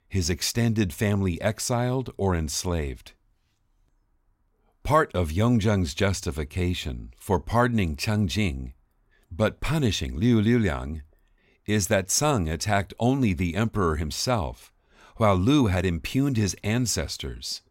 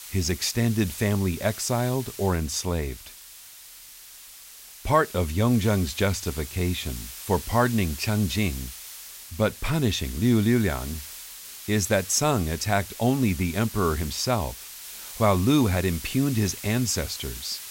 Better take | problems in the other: first | hiss; noticeable; throughout; 15 dB below the speech

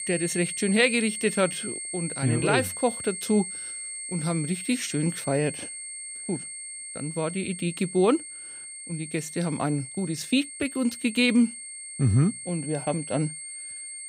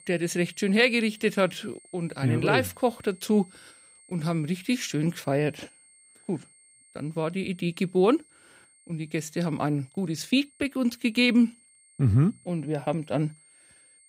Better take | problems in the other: second | high-pitched whine; loud; throughout; 8.5 kHz, 8 dB below the speech; faint in the second

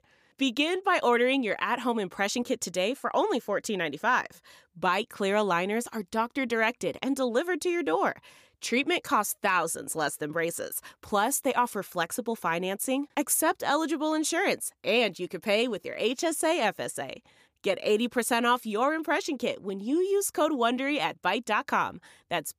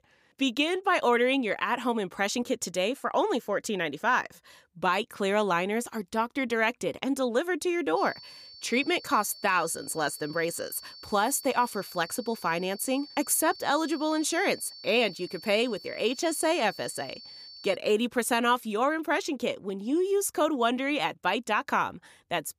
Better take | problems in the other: first | high-pitched whine; noticeable; from 8 to 18 s; 4.5 kHz, 15 dB below the speech

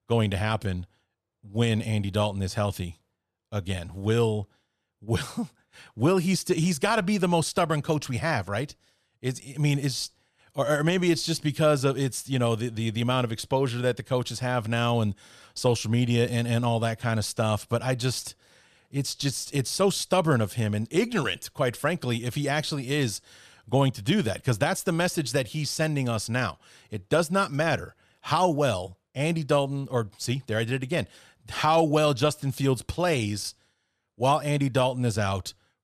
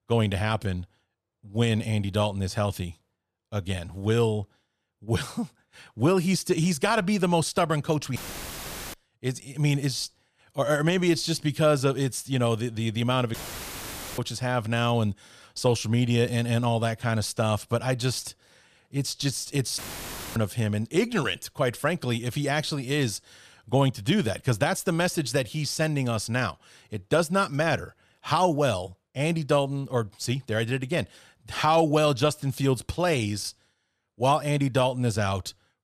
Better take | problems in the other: first | audio cutting out; filled with static; at 8 s for 1 s, at 13 s for 1 s and at 20 s for 0.5 s

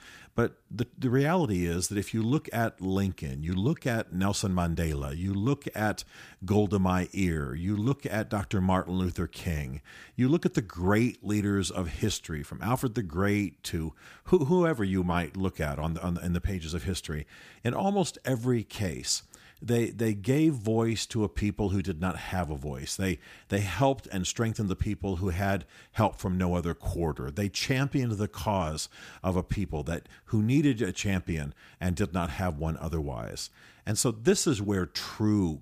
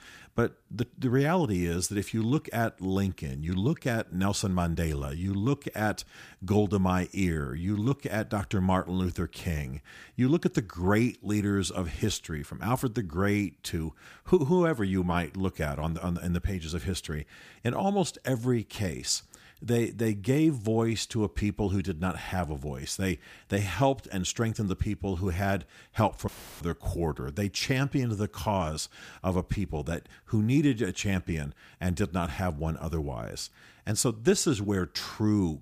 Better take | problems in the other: first | audio cutting out; filled with static; at 26 s

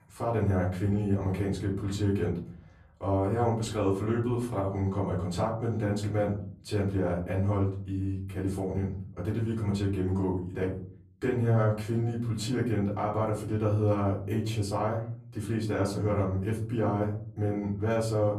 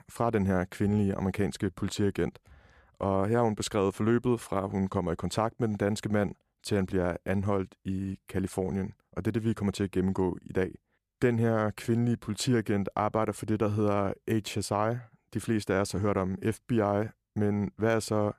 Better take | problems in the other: second | off-mic speech; far // room echo; slight; dies away in 0.7 s

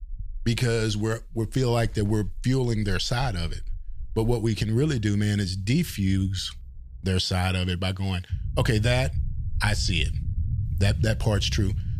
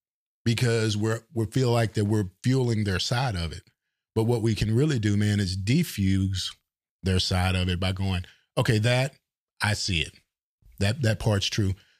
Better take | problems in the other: second | low rumble; noticeable; until 7 s and from 8.5 s on; 20 dB below the speech

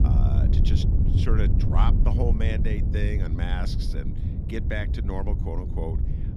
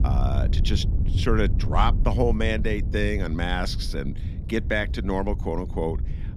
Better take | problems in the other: second | wind noise on the microphone; heavy; 4 dB below the speech; occasional gusts in the second

